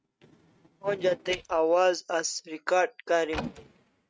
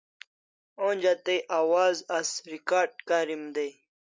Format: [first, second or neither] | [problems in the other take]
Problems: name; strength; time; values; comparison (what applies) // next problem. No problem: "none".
second | noise reduction (neural mask model RNNoise)